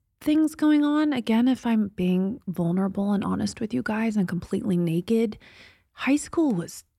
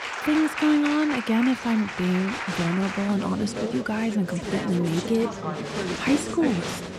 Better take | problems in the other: first | crowd noise; loud; throughout; 6 dB below the speech

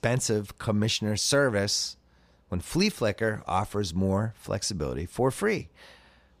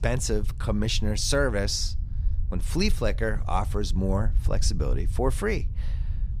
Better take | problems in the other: first | low rumble; faint; throughout; 20 dB below the speech

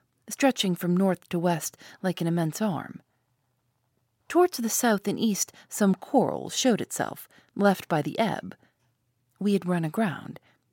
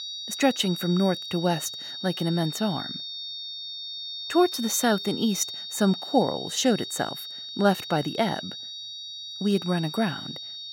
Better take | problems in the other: first | high-pitched whine; loud; throughout; 3.5 kHz, 8 dB below the speech

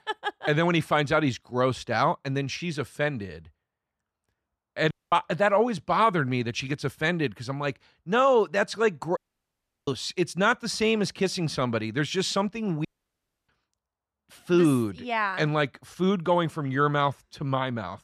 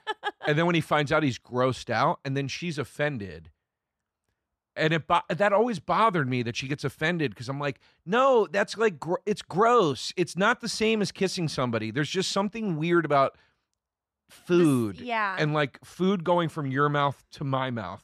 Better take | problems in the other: second | audio cutting out; at 5 s, at 9 s for 0.5 s and at 13 s for 0.5 s

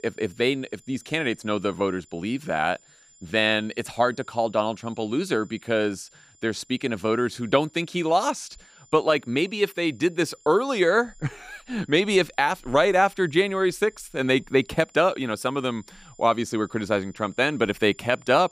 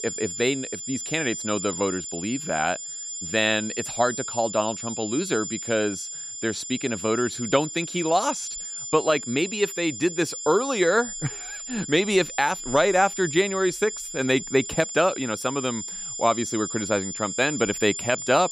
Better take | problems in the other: first | high-pitched whine; loud; throughout; 7 kHz, 7 dB below the speech; faint in the first

